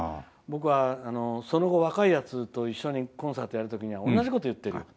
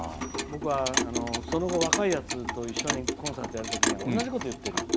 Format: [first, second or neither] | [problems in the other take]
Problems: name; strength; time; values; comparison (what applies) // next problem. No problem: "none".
first | background sound (Clock); as loud as the speech